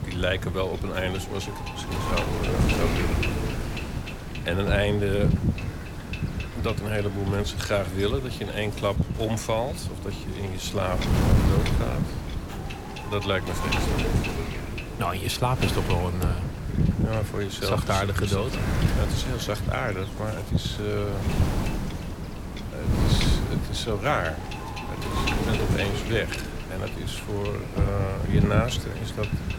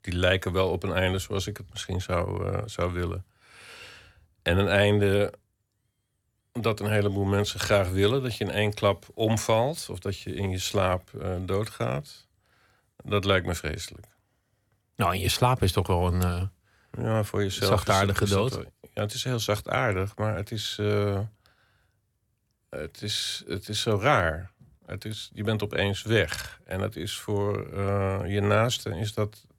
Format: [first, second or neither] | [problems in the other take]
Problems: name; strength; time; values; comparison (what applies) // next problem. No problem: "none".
second | wind noise on the microphone; heavy; 4 dB below the speech